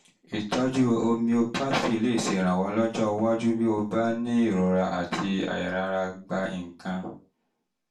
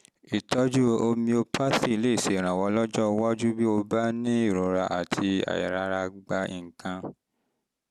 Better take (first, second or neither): second